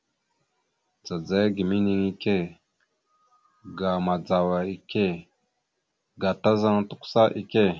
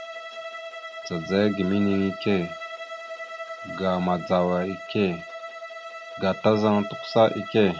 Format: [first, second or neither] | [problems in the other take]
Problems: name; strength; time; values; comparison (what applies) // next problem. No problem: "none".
first | background sound (Bowed string instrument); 11 dB below the speech